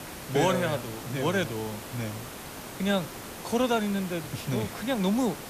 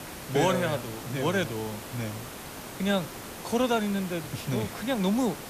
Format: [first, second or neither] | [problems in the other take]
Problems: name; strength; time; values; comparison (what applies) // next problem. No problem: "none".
neither | hiss; noticeable; throughout; 10 dB below the speech; the same in both